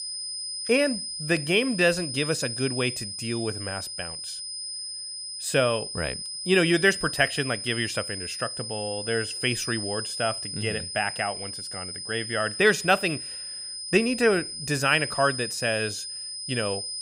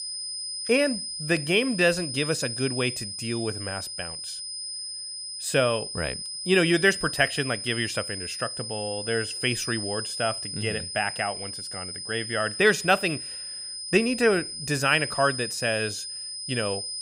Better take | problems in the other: neither | high-pitched whine; loud; throughout; 5 kHz, 6 dB below the speech; the same in both

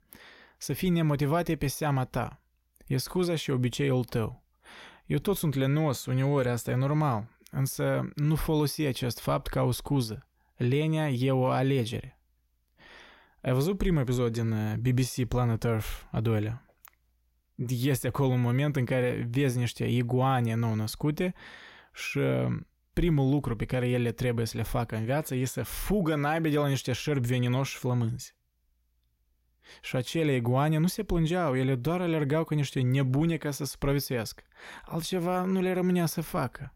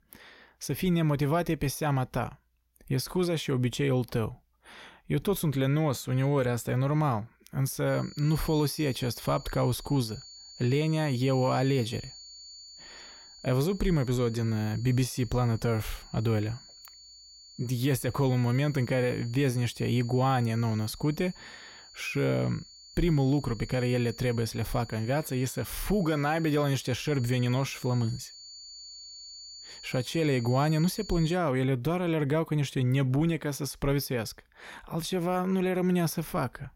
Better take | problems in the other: first | high-pitched whine; noticeable; from 8 to 31 s; 4.5 kHz, 20 dB below the speech

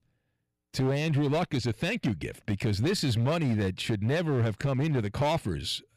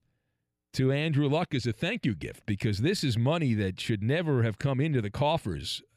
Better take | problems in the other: second | distortion; slight; 10% of the sound clipped

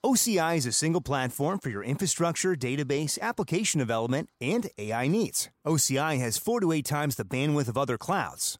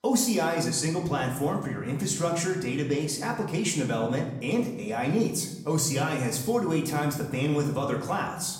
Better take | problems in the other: first | room echo; slight; dies away in 0.8 s // off-mic speech; far

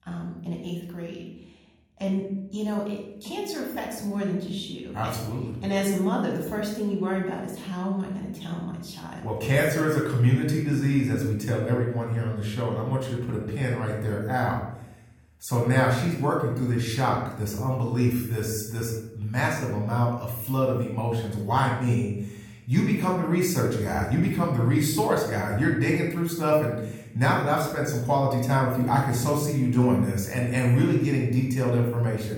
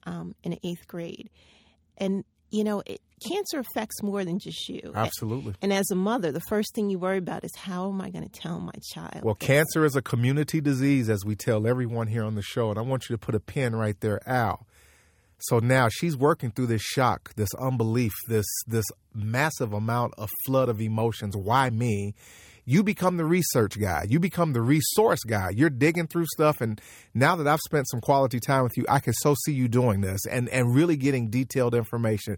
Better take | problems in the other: second | off-mic speech; somewhat distant // room echo; noticeable; dies away in 0.7 s

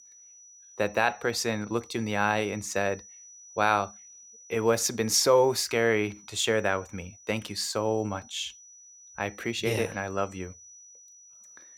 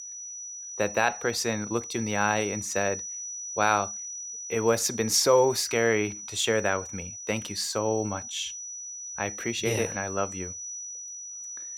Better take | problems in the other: first | high-pitched whine; loud; throughout; 6 kHz, 8 dB below the speech; faint in the first

